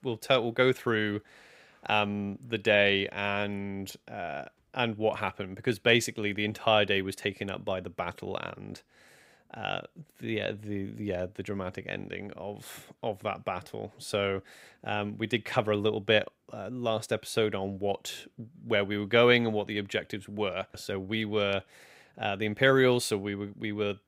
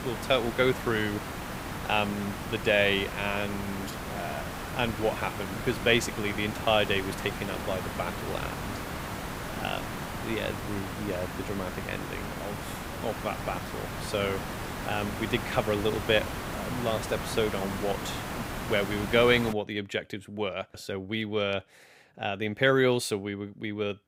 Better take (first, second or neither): first